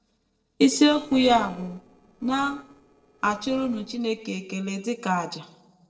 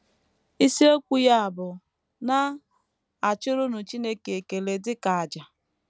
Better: second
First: noise reduction (neural separator model SepFormer DNS4)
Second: none

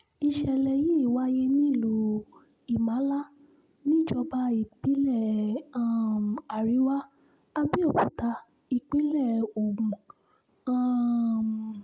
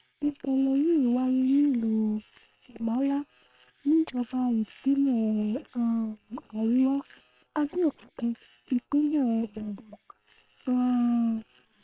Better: first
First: none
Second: noise reduction (neural separator model SepFormer WHAM!)

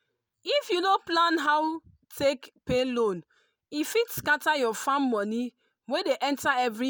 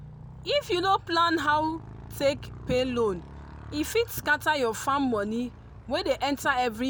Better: first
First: none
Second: background sound (Motorcycle); 16 dB below the speech

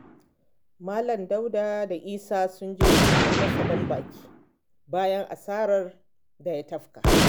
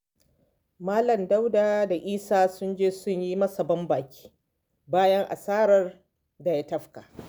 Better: second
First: background sound (Gunshot, gunfire); 3 dB above the speech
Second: none

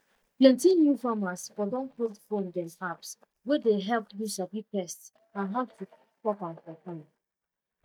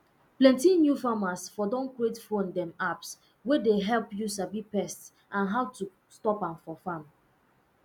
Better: second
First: noise reduction (neural mask model DeepFilterNet 3)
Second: none

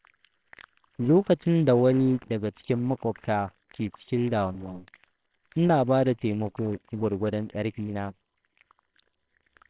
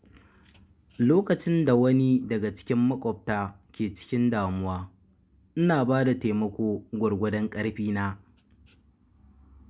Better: second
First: noise reduction (neural separator model SepFormer WHAMR!)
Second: none

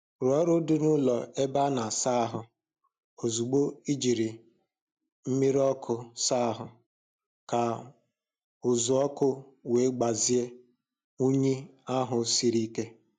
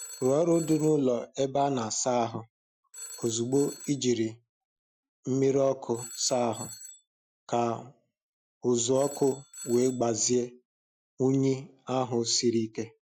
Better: first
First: none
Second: noise reduction (classical method Wiener filter)

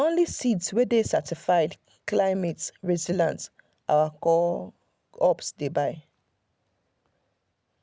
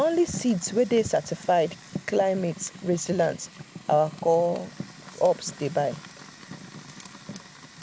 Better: first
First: none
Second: background sound (Fire); 15 dB below the speech

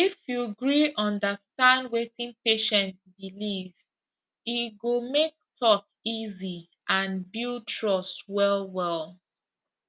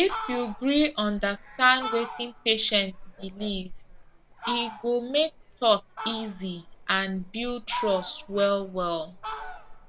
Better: first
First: none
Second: background sound (Fowl); 11 dB below the speech

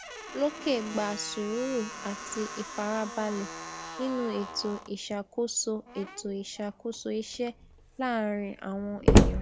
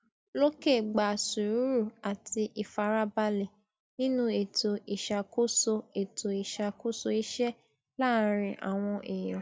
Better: second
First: background sound (Slam); 1 dB above the speech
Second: none

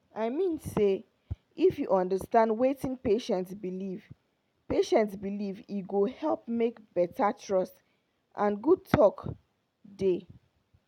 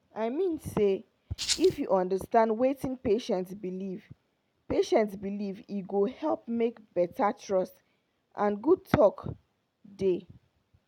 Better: first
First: none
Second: background sound (Rattle (instrument)); 4 dB below the speech

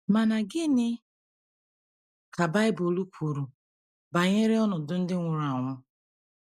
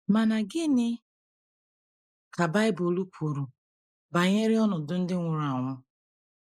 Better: first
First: none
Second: noise reduction (neural mask model Resemble Enhance denoiser)

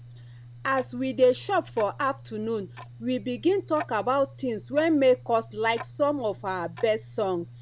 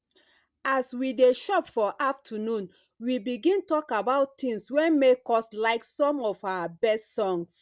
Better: second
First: background sound (Tick-tock); 17 dB below the speech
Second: none

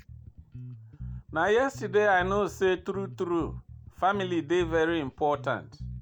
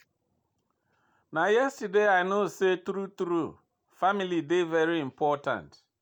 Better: second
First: background sound (Bass guitar); 14 dB below the speech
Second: none

